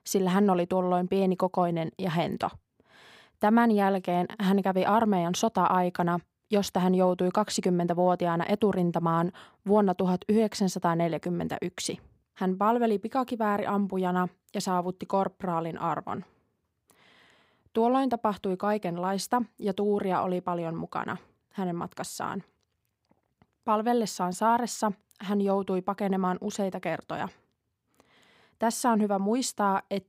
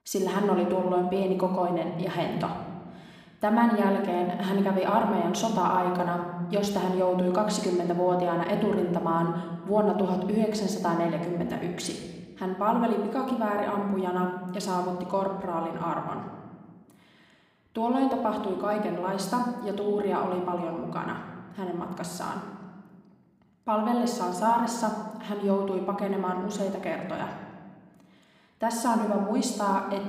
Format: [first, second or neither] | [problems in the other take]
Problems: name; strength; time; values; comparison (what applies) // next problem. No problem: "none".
first | room echo; noticeable; dies away in 1.3 s // off-mic speech; somewhat distant